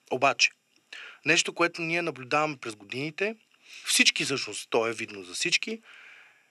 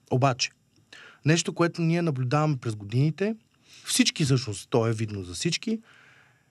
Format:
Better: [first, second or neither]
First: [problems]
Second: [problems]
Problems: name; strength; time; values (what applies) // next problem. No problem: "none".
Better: second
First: thin; somewhat; fading below 400 Hz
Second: none